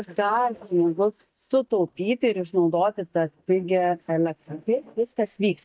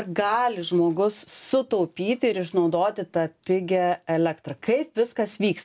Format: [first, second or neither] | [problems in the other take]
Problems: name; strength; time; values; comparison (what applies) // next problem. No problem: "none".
second | noise reduction (neural mask model DeepFilterNet 3)